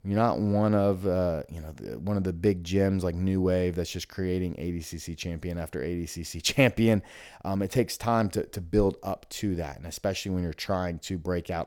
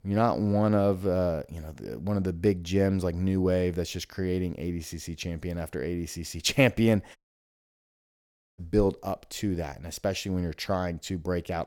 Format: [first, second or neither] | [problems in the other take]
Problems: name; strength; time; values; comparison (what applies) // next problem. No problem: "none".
first | audio cutting out; at 7 s for 1.5 s